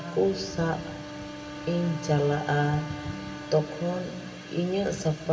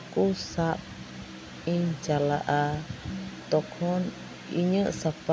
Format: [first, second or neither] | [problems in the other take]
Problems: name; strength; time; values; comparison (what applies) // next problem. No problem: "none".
second | background sound (Wind instrument, woodwind instrument); 13 dB below the speech // room echo; dies away in 2.8 s